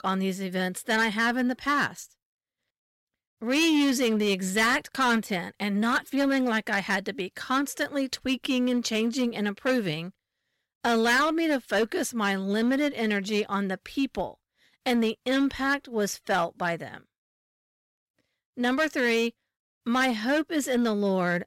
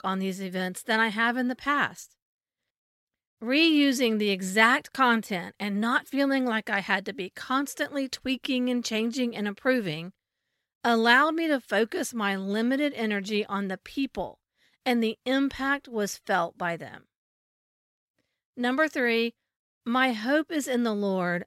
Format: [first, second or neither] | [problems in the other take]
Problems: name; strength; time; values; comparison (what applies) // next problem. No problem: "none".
second | distortion; slight; 7% of the sound clipped